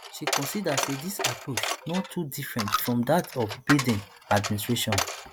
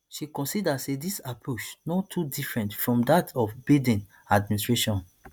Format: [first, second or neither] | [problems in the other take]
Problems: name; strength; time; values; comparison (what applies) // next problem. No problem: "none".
second | background sound (Coin (dropping)); 4 dB below the speech